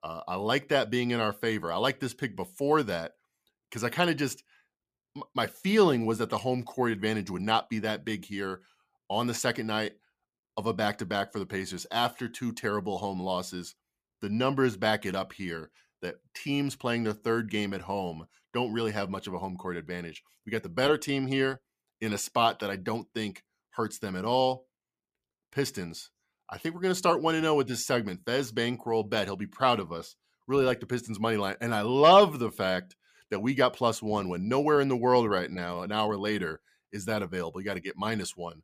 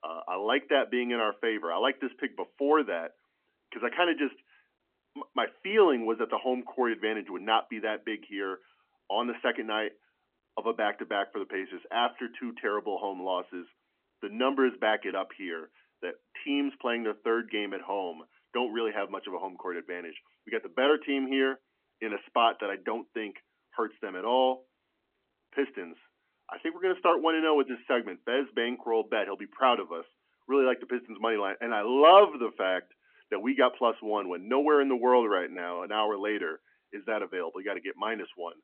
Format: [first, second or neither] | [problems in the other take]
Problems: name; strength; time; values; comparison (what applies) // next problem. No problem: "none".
first | phone-call audio; nothing above 3 kHz